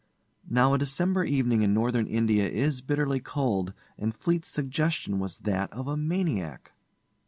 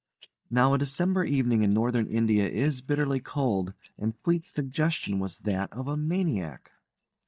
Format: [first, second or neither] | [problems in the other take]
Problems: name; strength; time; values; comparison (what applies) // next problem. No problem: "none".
first | noise reduction (neural mask model DeepFilterNet 3)